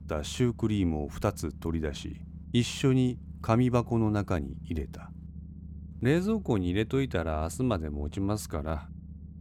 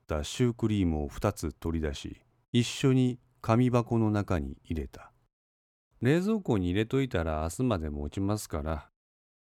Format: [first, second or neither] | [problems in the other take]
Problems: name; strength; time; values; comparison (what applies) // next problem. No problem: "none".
second | low rumble; faint; throughout; 25 dB below the speech